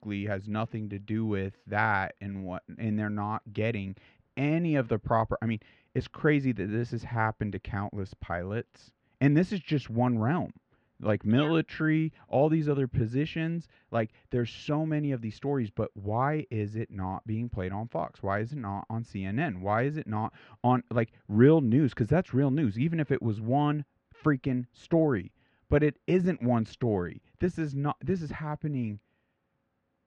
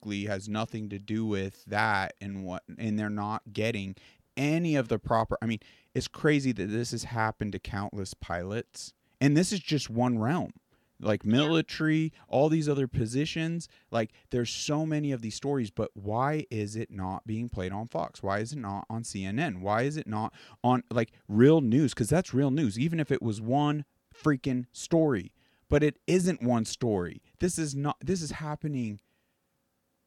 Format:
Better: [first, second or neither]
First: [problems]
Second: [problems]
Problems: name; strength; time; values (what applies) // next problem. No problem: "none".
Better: second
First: muffled; very; fading above 2 kHz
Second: none